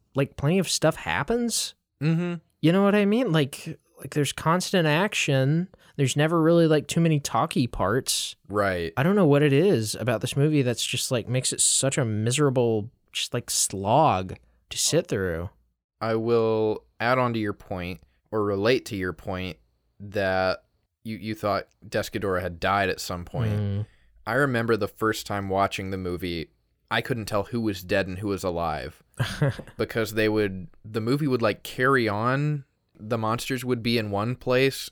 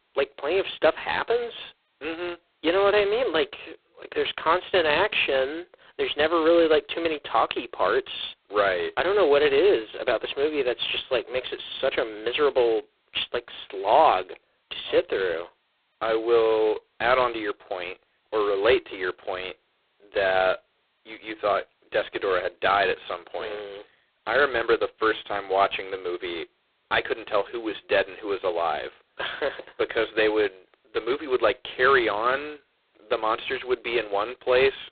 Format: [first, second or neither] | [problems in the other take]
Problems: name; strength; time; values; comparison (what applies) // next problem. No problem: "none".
first | phone-call audio; poor line; nothing above 4 kHz